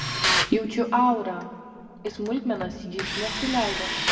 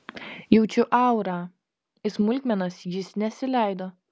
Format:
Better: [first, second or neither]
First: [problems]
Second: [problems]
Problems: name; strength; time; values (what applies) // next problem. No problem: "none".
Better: second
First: background sound (Tools); 2 dB below the speech // room echo; dies away in 1.7 s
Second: none